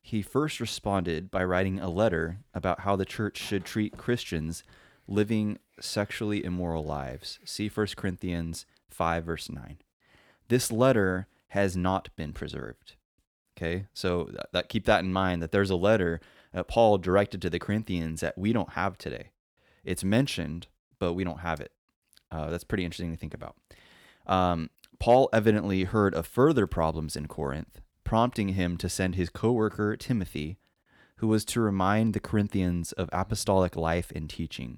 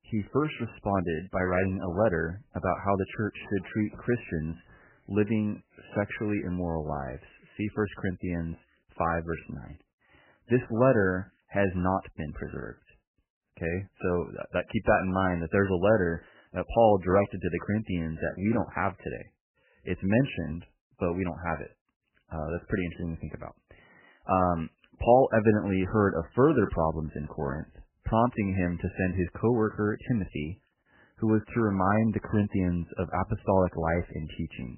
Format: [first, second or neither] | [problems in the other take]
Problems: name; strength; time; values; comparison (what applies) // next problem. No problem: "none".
first | garbled, watery; badly; nothing above 3 kHz